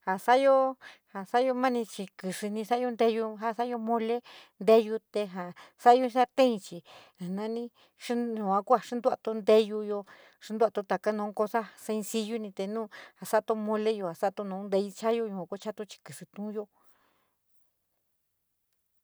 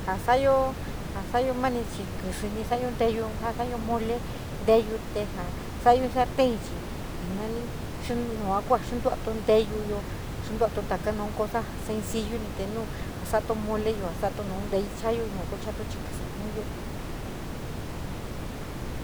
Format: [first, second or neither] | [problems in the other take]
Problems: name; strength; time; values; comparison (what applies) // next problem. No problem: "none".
first | background sound (Water); 5 dB below the speech